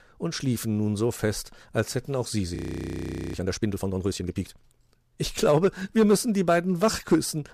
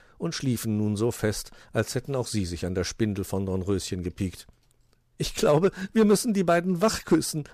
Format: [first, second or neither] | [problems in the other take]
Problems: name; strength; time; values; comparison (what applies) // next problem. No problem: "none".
second | audio freezing; at 2.5 s for 1 s